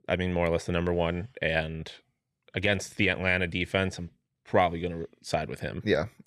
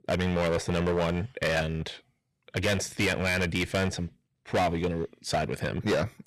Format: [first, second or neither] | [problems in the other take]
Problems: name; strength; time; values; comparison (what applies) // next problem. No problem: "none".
first | distortion; heavy; 12% of the sound clipped